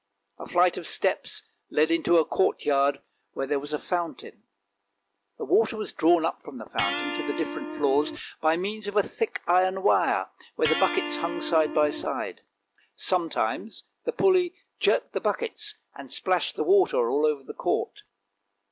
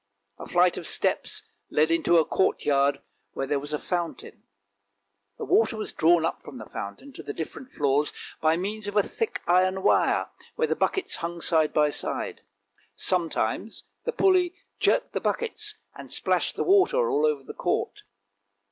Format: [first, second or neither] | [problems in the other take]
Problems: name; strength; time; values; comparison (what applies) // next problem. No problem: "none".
second | background sound (Electric guitar); 8 dB below the speech